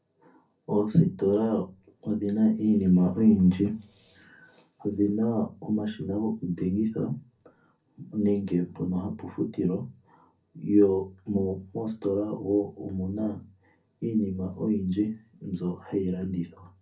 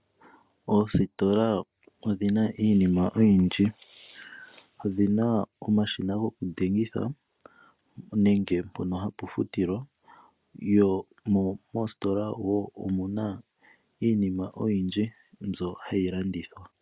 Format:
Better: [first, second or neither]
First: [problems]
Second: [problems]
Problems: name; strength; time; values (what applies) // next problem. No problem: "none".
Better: second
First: room echo; dies away in 0.3 s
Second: none